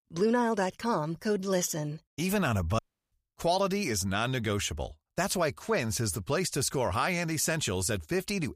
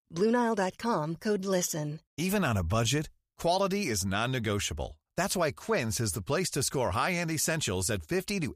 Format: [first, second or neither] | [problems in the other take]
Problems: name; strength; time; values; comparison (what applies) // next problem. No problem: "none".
second | audio cutting out; at 3 s